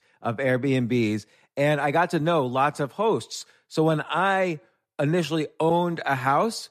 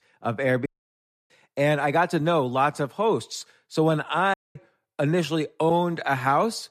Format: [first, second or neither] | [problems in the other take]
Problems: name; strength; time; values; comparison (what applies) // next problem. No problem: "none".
first | audio cutting out; at 0.5 s for 0.5 s and at 4.5 s